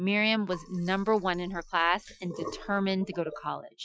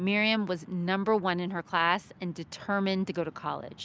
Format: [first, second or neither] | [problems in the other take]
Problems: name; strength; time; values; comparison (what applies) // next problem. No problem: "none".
second | noise reduction (classical method Wiener filter)